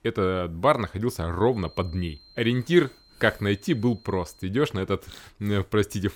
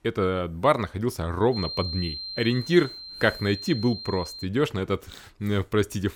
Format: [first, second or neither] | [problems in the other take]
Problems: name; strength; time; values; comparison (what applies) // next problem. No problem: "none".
first | high-pitched whine; loud; from 1.5 to 4.5 s; 4 kHz, 9 dB below the speech; faint in the first